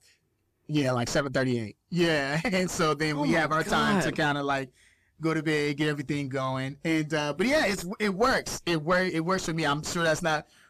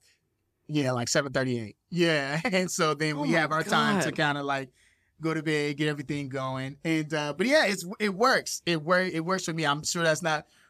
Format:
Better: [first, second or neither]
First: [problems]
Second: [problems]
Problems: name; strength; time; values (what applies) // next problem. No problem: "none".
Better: second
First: distortion; slight; 9 dB below the speech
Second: none